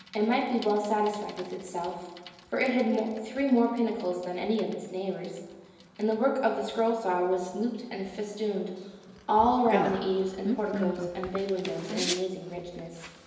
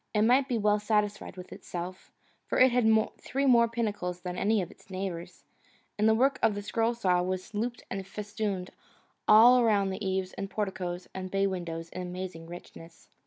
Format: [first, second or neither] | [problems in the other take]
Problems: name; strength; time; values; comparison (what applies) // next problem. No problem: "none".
second | background sound (Bicycle); 11 dB below the speech // room echo; dies away in 1 s